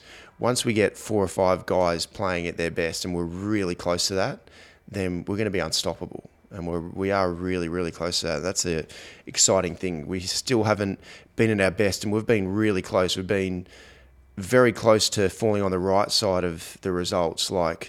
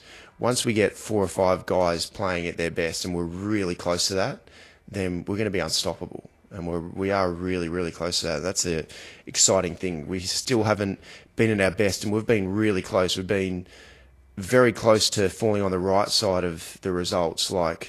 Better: first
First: none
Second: garbled, watery; slightly; nothing above 12.5 kHz

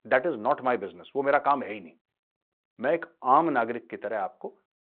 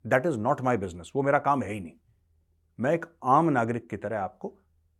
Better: second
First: phone-call audio; nothing above 4 kHz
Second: none

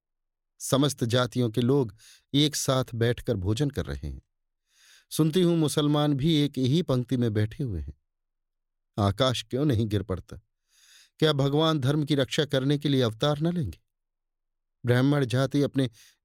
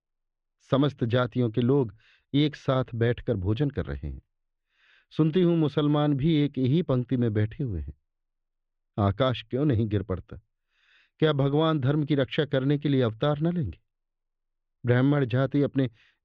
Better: first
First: none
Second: muffled; very; fading above 3 kHz

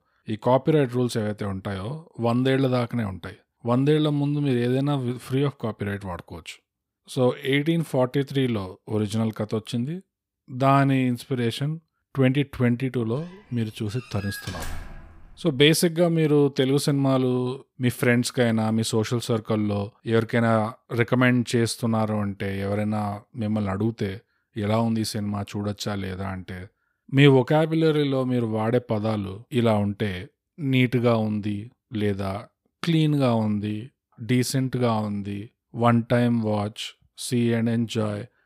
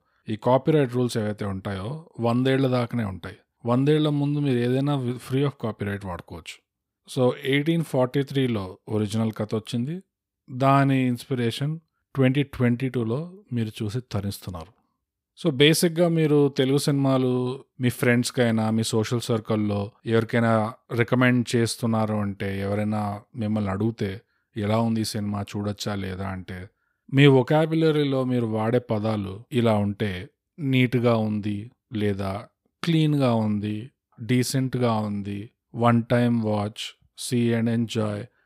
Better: second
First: door banging; faint; from 14 to 15 s; peak 10 dB below the speech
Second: none

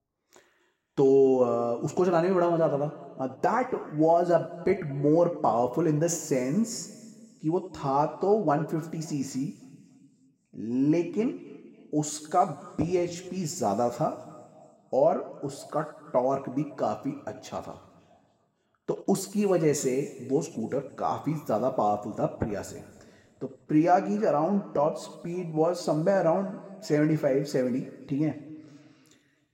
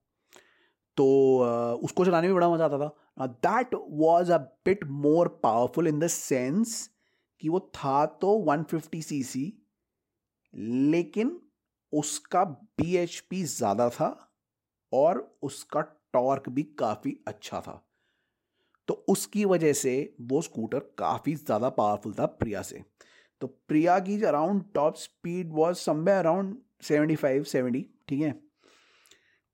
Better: second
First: room echo; slight; dies away in 1.5 s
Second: none

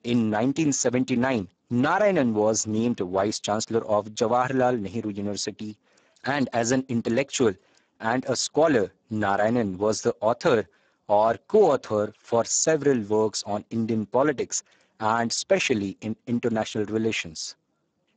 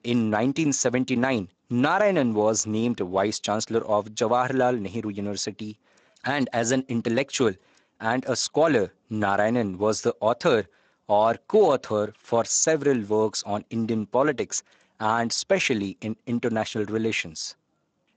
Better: second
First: garbled, watery; badly; nothing above 7.5 kHz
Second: garbled, watery; slightly

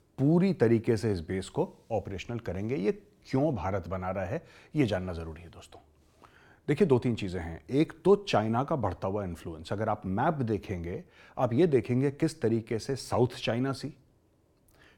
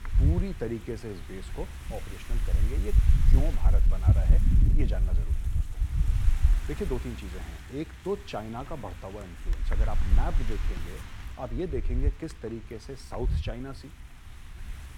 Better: first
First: none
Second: wind noise on the microphone; heavy; 6 dB below the speech

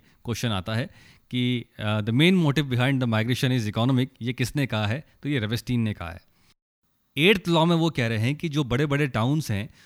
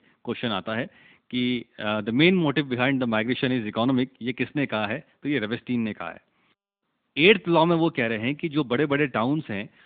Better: first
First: none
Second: phone-call audio; nothing above 3.5 kHz

